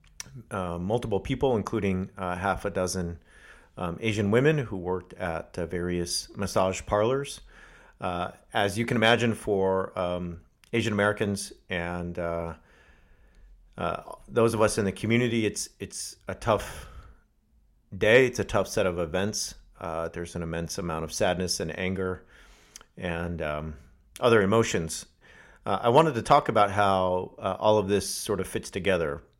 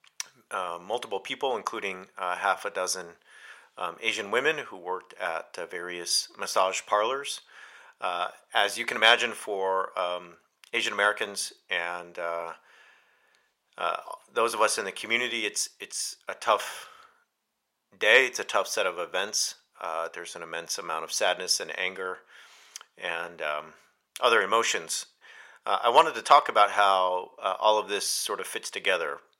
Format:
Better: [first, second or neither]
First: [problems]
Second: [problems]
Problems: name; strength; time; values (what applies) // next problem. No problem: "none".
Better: first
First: none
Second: thin; very; fading below 700 Hz